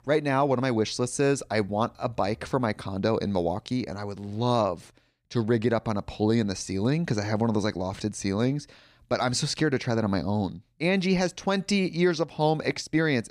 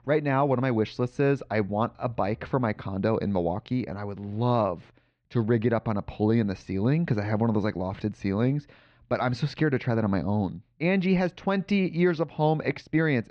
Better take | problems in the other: first | muffled; slightly; fading above 3 kHz

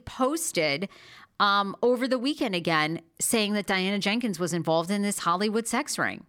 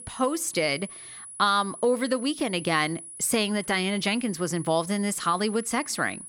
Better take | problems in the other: first | high-pitched whine; noticeable; throughout; 10 kHz, 15 dB below the speech

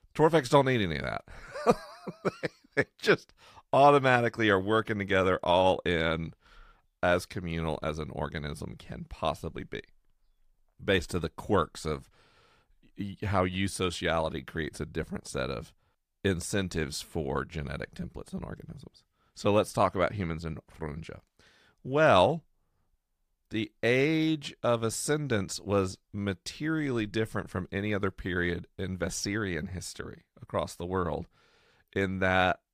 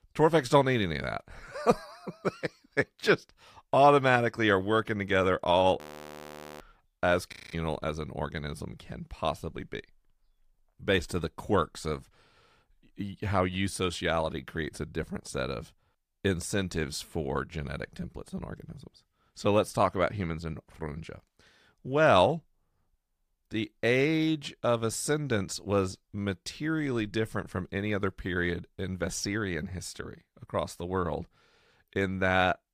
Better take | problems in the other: first | audio freezing; at 6 s for 1 s and at 7.5 s

